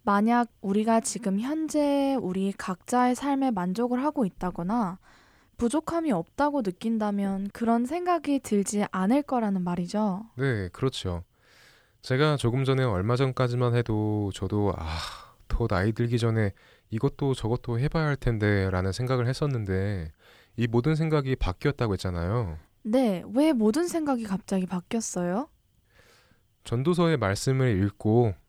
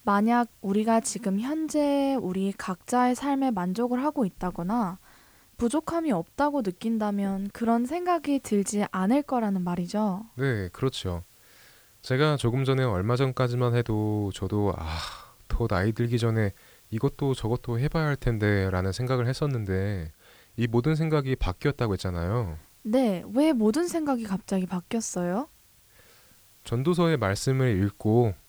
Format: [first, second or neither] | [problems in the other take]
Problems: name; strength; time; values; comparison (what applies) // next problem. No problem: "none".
first | hiss; faint; throughout; 30 dB below the speech